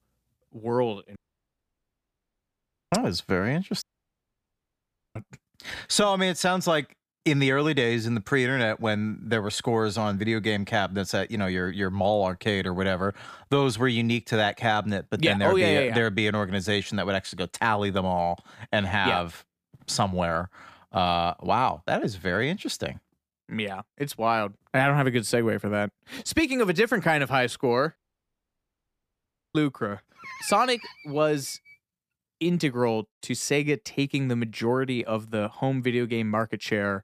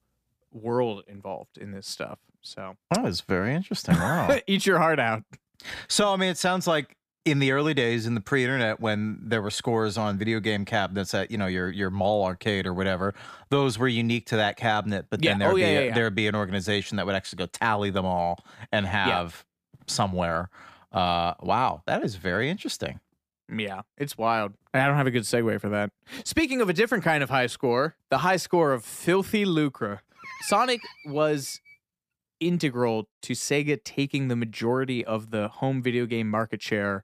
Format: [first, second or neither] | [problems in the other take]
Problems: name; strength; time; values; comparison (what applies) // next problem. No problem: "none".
second | audio cutting out; at 1 s for 2 s, at 4 s for 1.5 s and at 28 s for 1.5 s